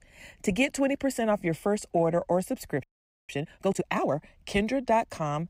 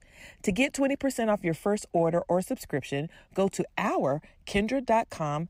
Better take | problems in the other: second | audio freezing; at 3 s

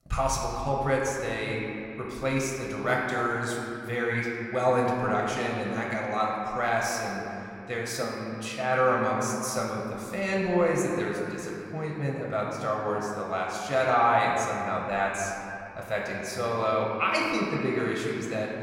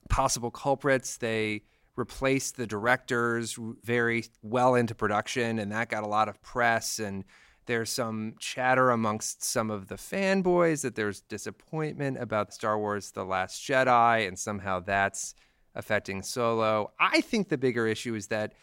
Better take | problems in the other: second | room echo; noticeable; dies away in 2.6 s // off-mic speech; somewhat distant

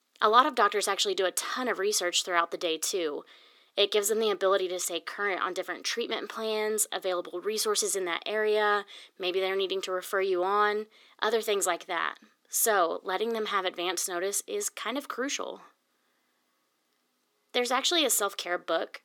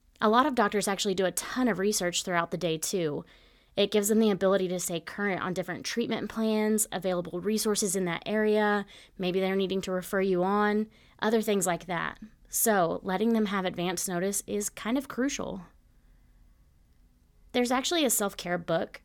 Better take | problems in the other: second | thin; somewhat; fading below 350 Hz

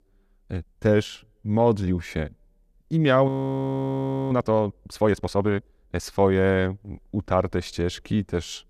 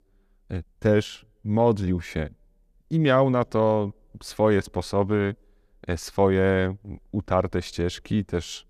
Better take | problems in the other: second | audio freezing; at 3.5 s for 1 s

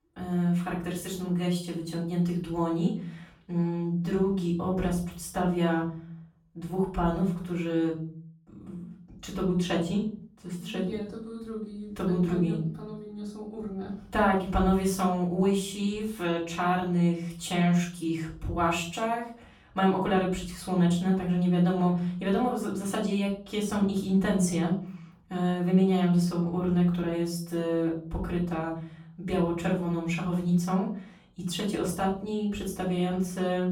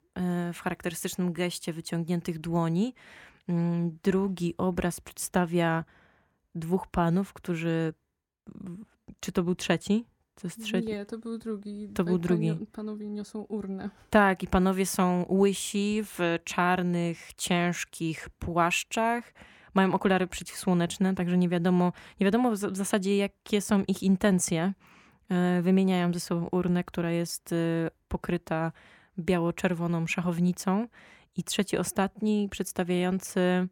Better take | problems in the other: second | off-mic speech; far // room echo; noticeable; dies away in 0.6 s

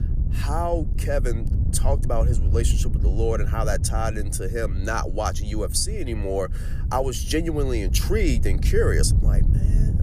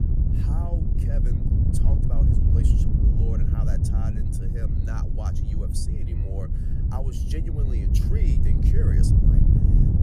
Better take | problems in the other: first | wind noise on the microphone; heavy; 5 dB above the speech; occasional gusts in the first

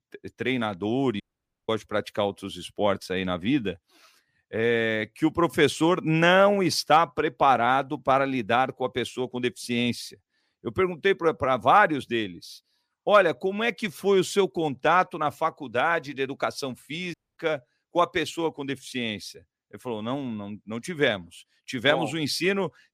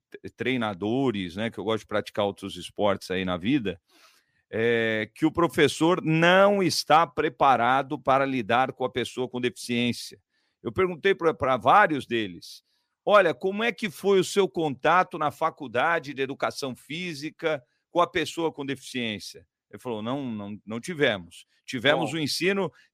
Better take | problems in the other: second | audio cutting out; at 1 s and at 17 s

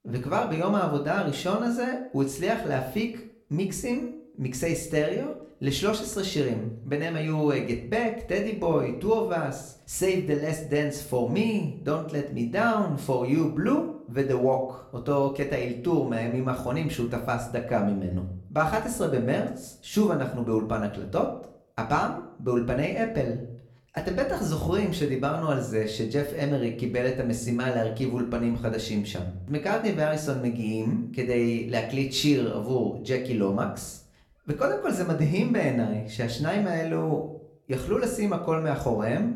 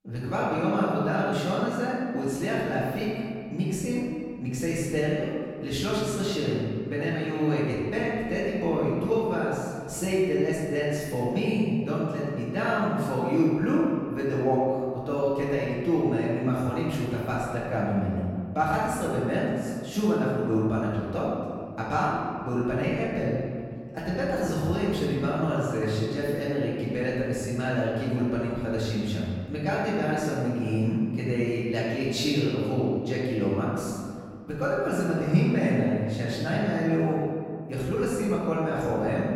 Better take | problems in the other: first | room echo; strong; dies away in 1.9 s; slight in the first // off-mic speech; far; somewhat distant in the first

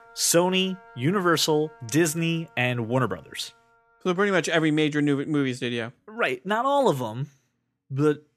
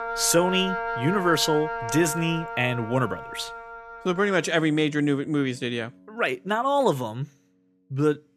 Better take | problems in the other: first | background music; loud; throughout; 8 dB below the speech; faint in the first

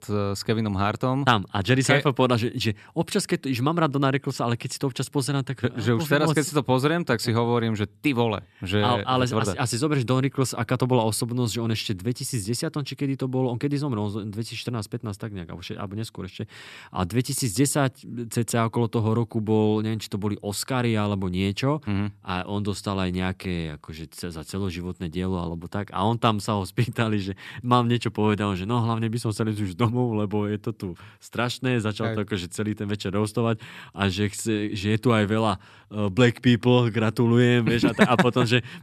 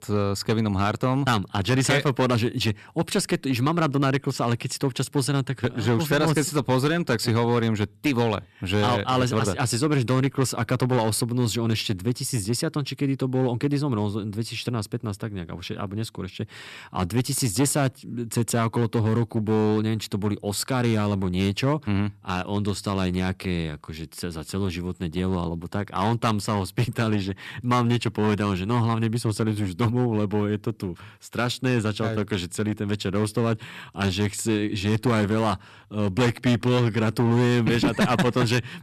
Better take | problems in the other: first | distortion; slight; 7% of the sound clipped

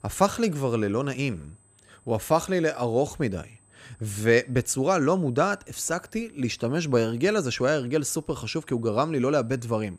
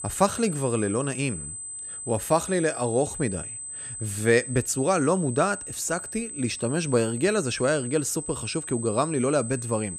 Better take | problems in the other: first | high-pitched whine; loud; throughout; 8 kHz, 8 dB below the speech; faint in the first

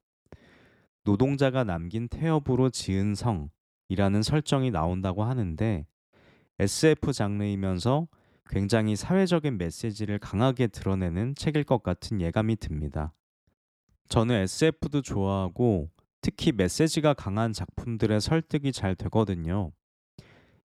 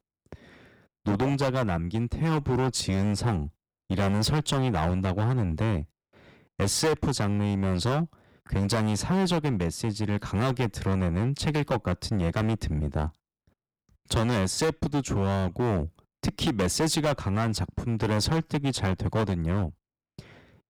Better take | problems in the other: first | distortion; heavy; 13% of the sound clipped

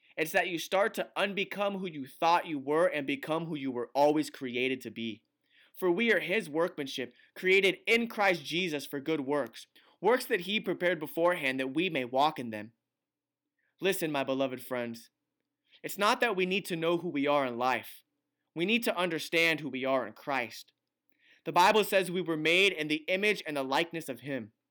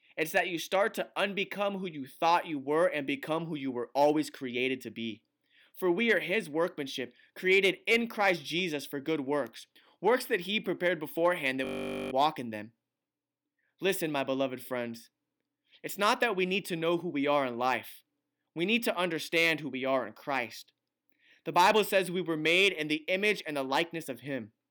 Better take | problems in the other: first | audio freezing; at 12 s

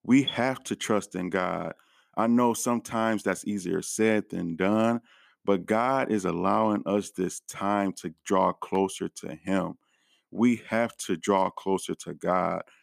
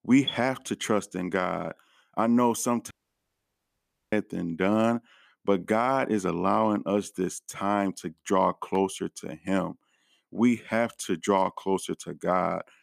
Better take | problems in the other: first | audio cutting out; at 3 s for 1 s

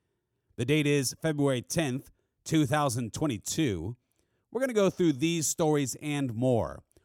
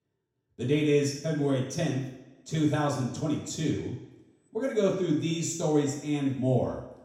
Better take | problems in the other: first | room echo; noticeable; dies away in 0.9 s // off-mic speech; far

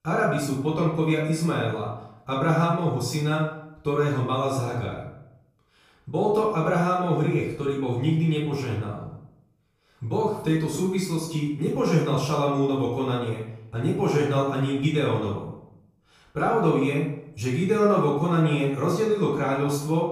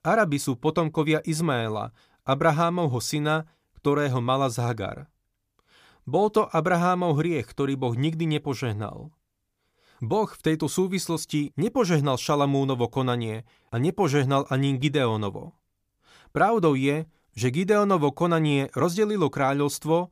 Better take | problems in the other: second | off-mic speech; far // room echo; noticeable; dies away in 0.6 s

